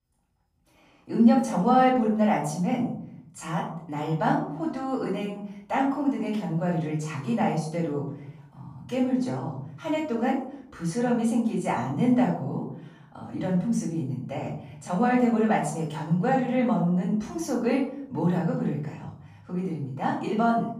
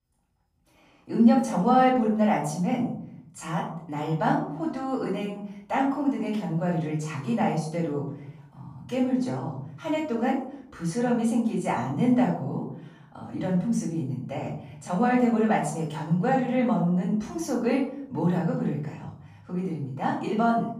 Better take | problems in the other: neither | off-mic speech; far; the same in both // room echo; noticeable; dies away in 0.8 s; the same in both

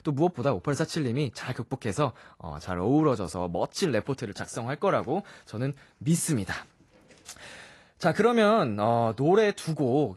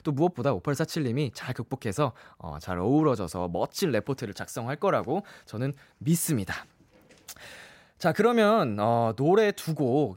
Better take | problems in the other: second | garbled, watery; slightly; nothing above 11.5 kHz

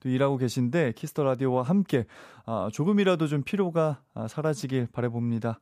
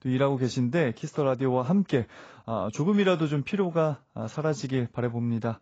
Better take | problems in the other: first | garbled, watery; badly; nothing above 7.5 kHz

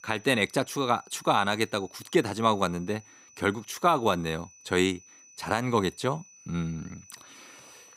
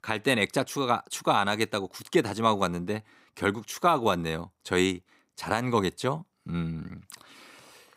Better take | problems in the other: second | high-pitched whine; faint; throughout; 6 kHz, 25 dB below the speech

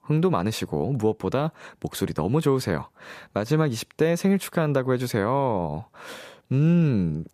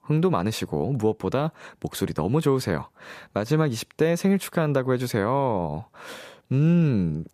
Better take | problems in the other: neither | none

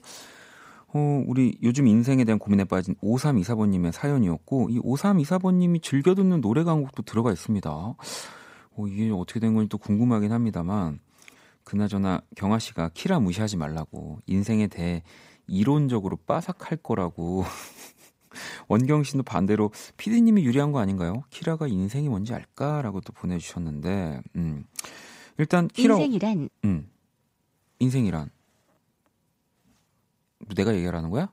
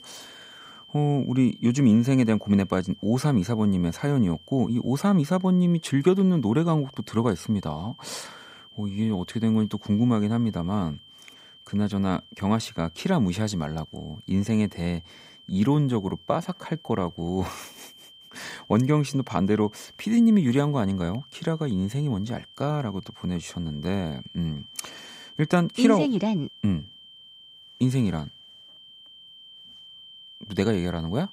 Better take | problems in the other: first | high-pitched whine; faint; throughout; 3 kHz, 20 dB below the speech

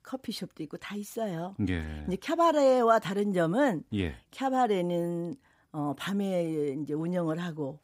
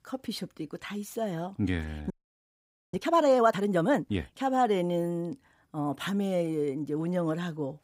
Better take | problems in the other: first | audio freezing; at 2 s for 1 s

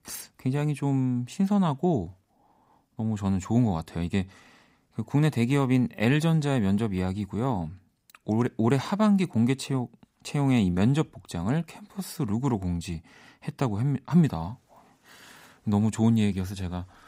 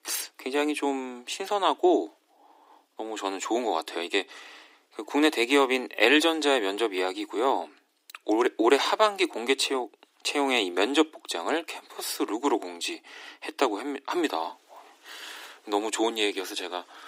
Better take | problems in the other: first | thin; very; fading below 300 Hz

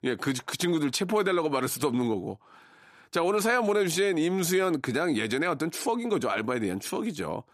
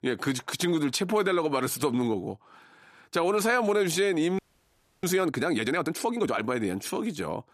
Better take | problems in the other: first | audio freezing; at 4.5 s for 0.5 s

